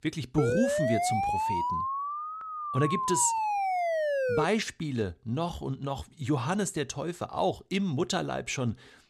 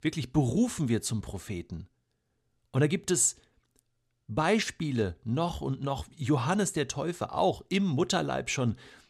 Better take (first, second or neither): second